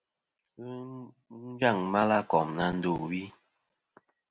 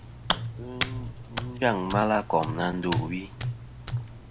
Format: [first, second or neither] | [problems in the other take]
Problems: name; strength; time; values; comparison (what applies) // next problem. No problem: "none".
first | background sound (Hands); 4 dB below the speech